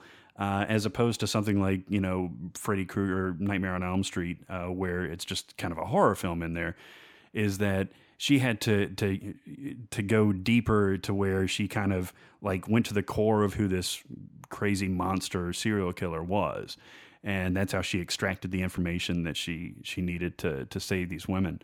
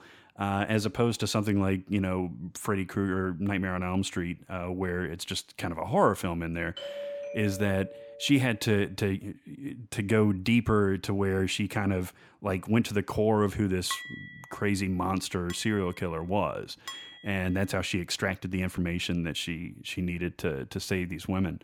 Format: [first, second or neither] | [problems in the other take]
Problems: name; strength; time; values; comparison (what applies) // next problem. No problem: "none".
first | doorbell; noticeable; from 7 to 8.5 s; peak 8 dB below the speech // clattering dishes; noticeable; from 14 to 17 s; peak 8 dB below the speech